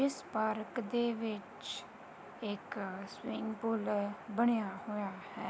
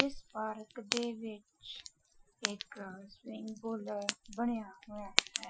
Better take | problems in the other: first | noise reduction (classical method Wiener filter)

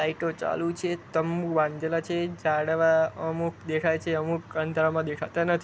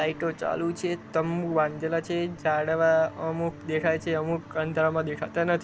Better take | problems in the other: first | background sound (Guitar); 18 dB below the speech

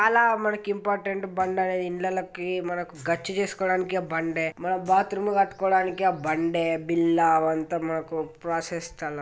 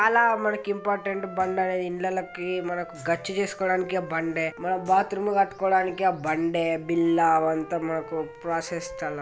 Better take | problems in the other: first | background sound (Wind instrument, woodwind instrument); 18 dB below the speech

